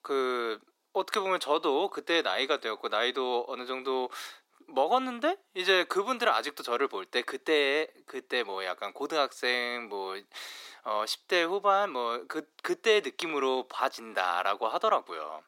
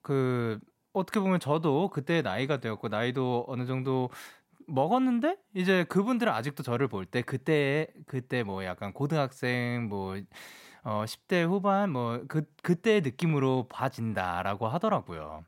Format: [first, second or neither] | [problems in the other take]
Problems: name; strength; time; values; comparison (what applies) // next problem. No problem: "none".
second | thin; very; fading below 350 Hz